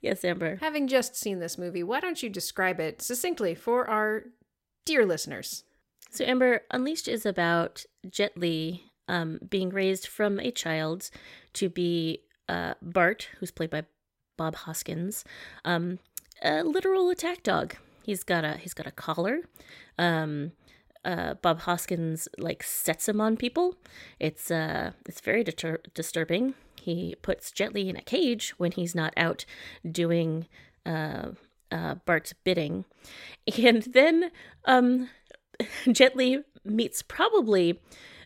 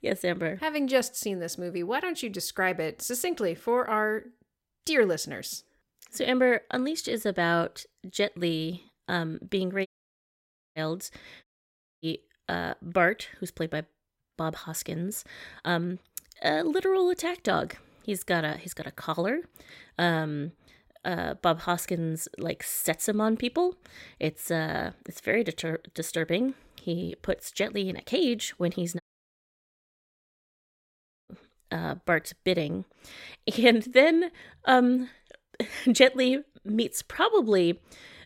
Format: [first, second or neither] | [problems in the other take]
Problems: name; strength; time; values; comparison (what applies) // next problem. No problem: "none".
first | audio cutting out; at 10 s for 1 s, at 11 s for 0.5 s and at 29 s for 2.5 s